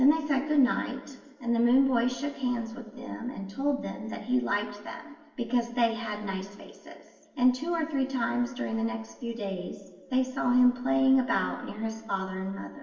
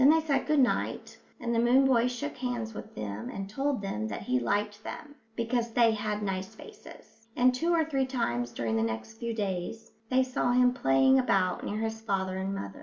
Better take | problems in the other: second | room echo; dies away in 1.4 s

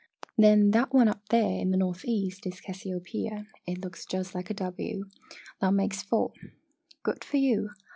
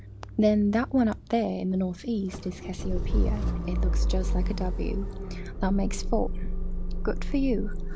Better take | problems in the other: first | background sound (Idling / Engine starting / Motor vehicle (road)); as loud as the speech

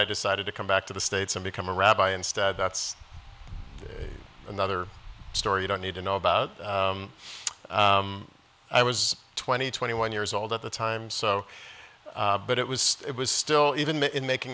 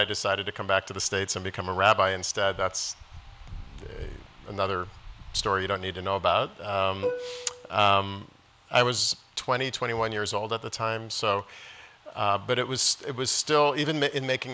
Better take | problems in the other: first | background sound (Plucked string instrument); 9 dB below the speech

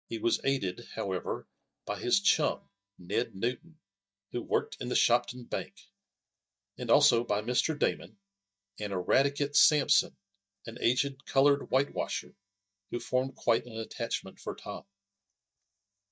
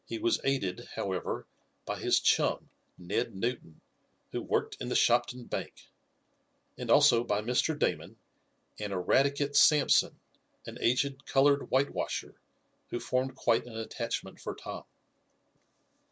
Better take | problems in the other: second | noise reduction (neural mask model DeepFilterNet 3)

